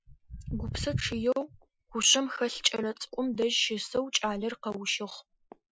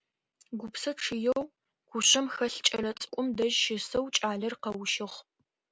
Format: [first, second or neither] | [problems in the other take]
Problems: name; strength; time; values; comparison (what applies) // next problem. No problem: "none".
second | noise reduction (classical method Wiener filter)